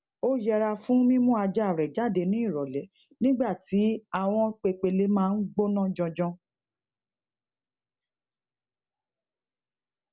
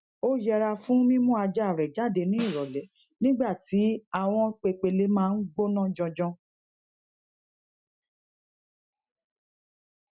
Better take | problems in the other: first | noise reduction (classical method Wiener filter)

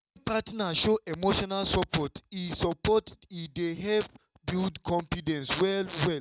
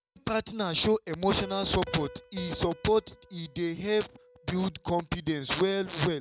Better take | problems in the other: first | background sound (Piano); 19 dB below the speech

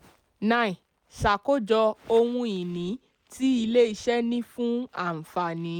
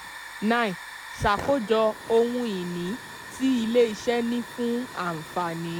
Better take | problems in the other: first | background sound (Hiss / Fire); 14 dB below the speech

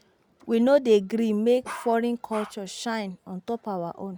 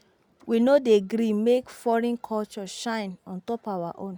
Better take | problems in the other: second | background sound (Bark); 15 dB below the speech

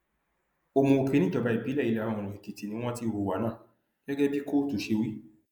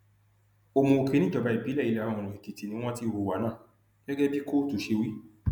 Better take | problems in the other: second | noise reduction (neural mask model Resemble Enhance denoiser)

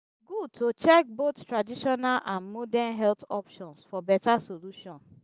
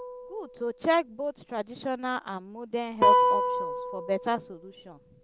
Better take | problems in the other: first | background sound (Guitar); 2 dB above the speech

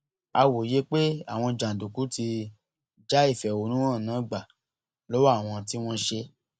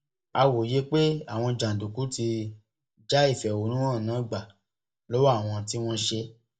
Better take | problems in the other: first | room echo; dies away in 0.2 s

